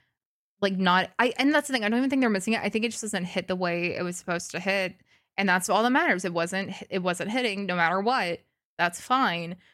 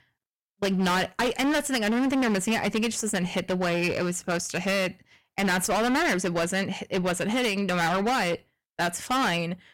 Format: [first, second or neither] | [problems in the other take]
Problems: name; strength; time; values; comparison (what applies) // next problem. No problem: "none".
first | distortion; heavy; 23% of the sound clipped